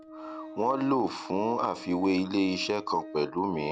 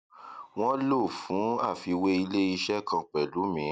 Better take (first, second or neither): second